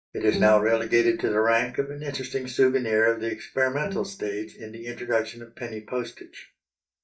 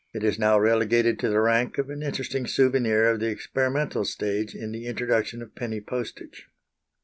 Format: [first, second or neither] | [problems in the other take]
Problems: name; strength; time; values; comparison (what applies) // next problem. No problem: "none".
second | noise reduction (neural mask model DeepFilterNet 3)